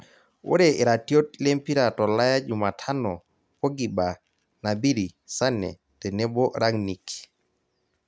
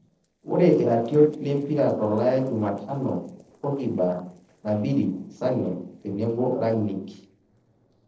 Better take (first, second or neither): first